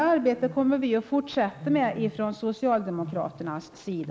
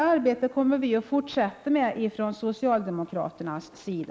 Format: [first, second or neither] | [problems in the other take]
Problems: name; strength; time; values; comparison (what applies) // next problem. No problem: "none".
second | background sound (Wild animals); 17 dB below the speech